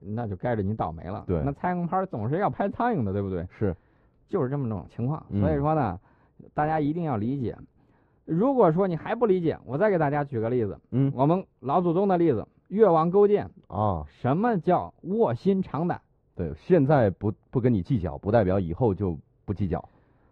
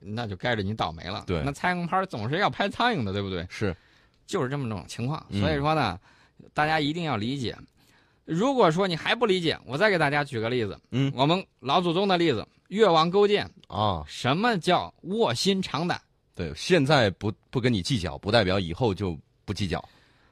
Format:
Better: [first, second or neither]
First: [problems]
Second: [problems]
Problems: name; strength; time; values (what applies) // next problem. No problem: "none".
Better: second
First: muffled; very; fading above 2.5 kHz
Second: none